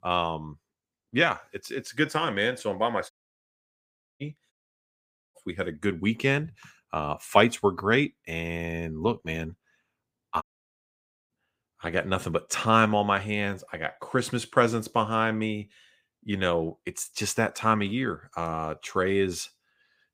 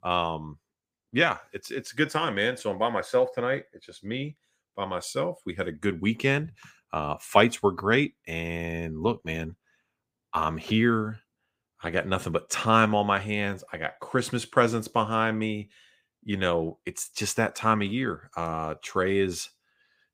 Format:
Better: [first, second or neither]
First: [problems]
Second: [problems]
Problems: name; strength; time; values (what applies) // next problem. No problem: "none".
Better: second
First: audio cutting out; at 3 s for 1 s, at 4.5 s for 1 s and at 10 s for 1 s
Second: none